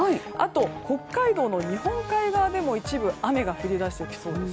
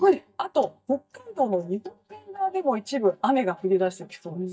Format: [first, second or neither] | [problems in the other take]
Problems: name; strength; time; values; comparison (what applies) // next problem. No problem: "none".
first | noise reduction (neural mask model DeepFilterNet 3)